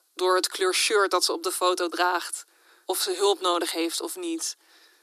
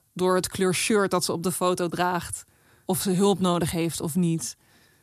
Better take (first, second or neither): second